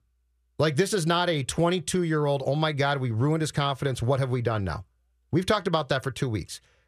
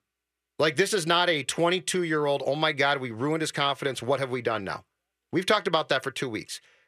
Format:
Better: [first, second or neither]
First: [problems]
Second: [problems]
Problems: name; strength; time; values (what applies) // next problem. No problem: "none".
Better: first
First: none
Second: thin; somewhat; fading below 250 Hz